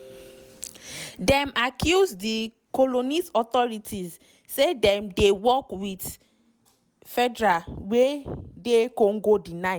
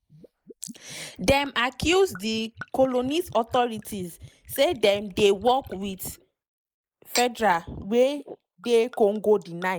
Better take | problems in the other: first | noise reduction (neural mask model Resemble Enhance denoiser)

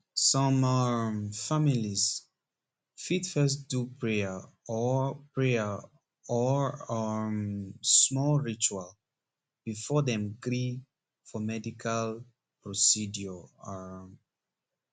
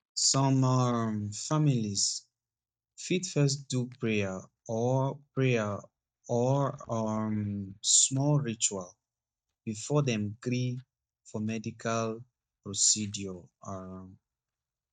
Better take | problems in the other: first | noise reduction (neural mask model DeepFilterNet 3)

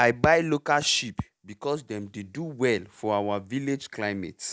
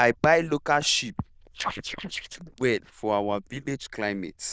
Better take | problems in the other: first | noise reduction (neural diffusion model UNIVERSE++)

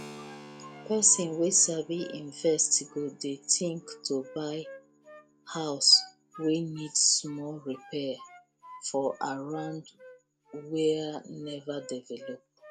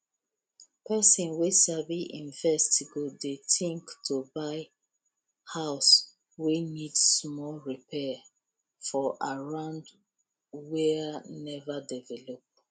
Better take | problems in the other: second | background sound (Keyboard (musical) + Wind instrument, woodwind instrument); 19 dB below the speech

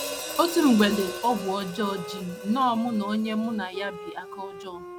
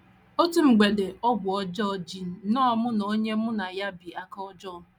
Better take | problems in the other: second | background sound (Wind instrument, woodwind instrument + Hi-hat); 10 dB below the speech

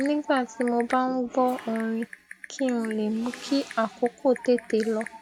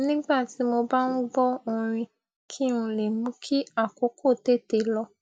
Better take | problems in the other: second | background sound (Typing); 16 dB below the speech

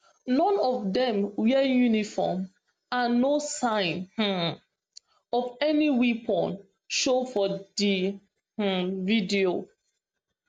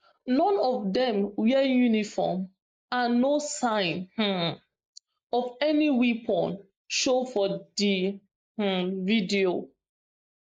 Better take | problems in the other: first | noise reduction (neural mask model Resemble Enhance denoiser)

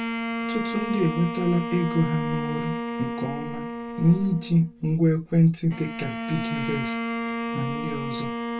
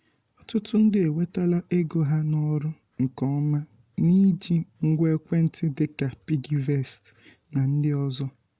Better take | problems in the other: second | background sound (Bowed string instrument); 5 dB below the speech // room echo; dies away in 0.2 s

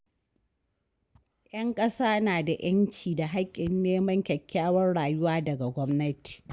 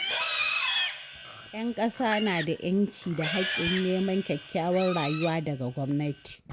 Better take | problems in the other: first | background sound (Livestock, farm animals, working animals + Hi-hat); 5 dB below the speech

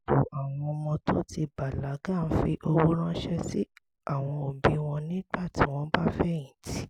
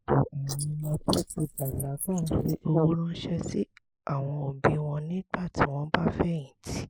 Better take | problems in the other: first | noise reduction (neural mask model Resemble Enhance denoiser)

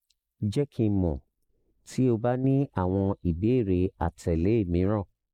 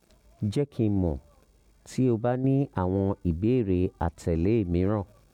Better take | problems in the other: second | noise reduction (neural mask model Resemble Enhance denoiser)

